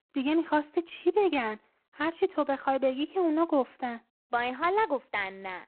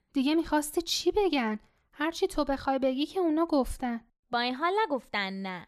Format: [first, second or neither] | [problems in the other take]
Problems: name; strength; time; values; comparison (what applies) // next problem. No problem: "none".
second | phone-call audio; poor line